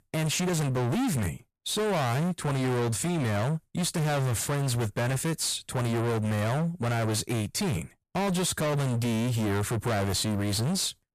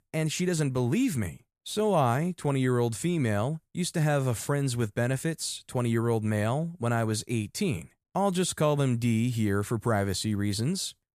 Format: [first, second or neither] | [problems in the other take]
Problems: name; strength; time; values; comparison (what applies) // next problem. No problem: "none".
second | distortion; heavy; 40% of the sound clipped